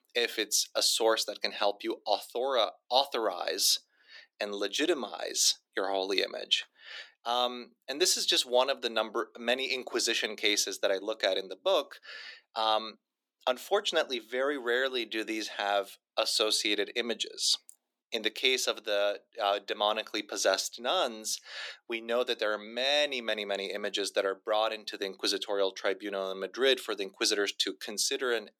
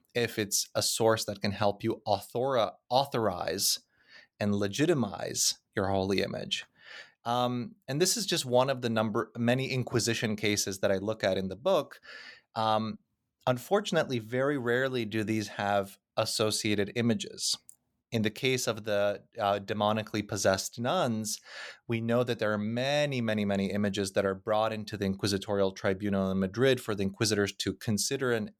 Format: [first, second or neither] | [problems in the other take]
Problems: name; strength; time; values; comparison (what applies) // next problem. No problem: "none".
second | thin; somewhat; fading below 300 Hz